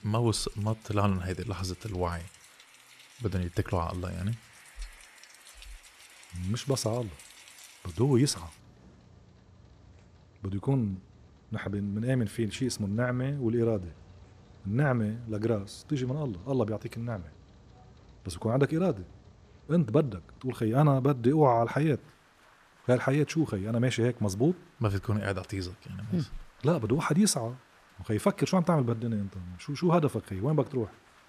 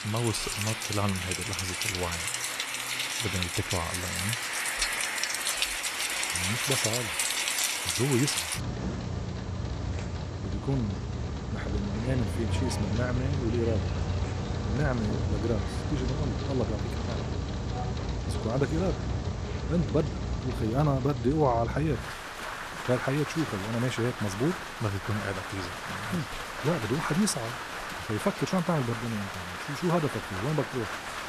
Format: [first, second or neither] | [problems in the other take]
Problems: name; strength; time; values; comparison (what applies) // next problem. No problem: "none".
first | rain or running water; loud; throughout; as loud as the speech; faint in the first